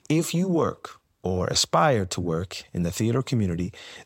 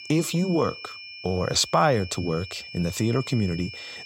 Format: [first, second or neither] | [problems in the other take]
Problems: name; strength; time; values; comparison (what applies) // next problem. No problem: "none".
first | high-pitched whine; noticeable; throughout; 2.5 kHz, 15 dB below the speech